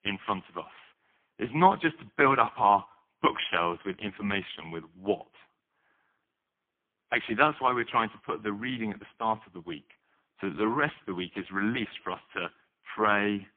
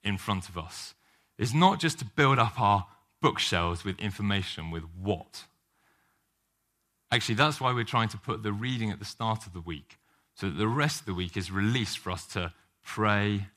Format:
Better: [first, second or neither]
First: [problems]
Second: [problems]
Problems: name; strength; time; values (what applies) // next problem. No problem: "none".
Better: second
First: phone-call audio; poor line; nothing above 3.5 kHz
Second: none